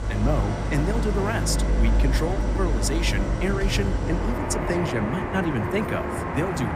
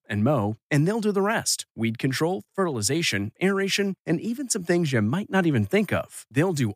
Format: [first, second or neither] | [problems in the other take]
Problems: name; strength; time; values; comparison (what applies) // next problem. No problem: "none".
second | traffic noise; very loud; throughout; 2 dB above the speech